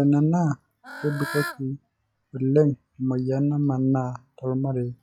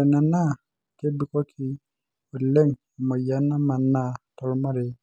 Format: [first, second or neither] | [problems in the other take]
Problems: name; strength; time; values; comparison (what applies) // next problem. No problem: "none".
second | noise reduction (classical method log-MMSE)